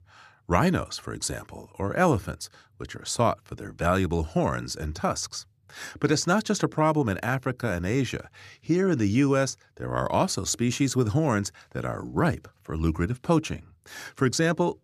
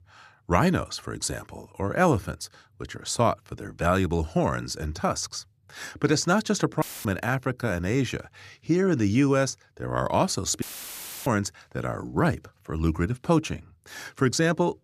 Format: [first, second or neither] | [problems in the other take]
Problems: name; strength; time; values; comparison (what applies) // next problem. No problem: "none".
first | audio cutting out; filled with static; at 7 s and at 11 s for 0.5 s